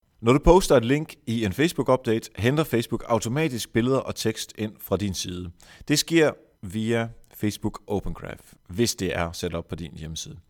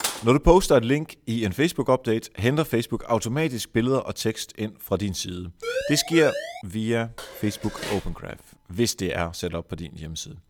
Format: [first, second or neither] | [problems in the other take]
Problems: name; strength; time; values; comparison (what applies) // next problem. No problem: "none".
first | clattering dishes; noticeable; at the start and at 7 s; peak 4 dB below the speech // siren; noticeable; at 5.5 s; peak 4 dB below the speech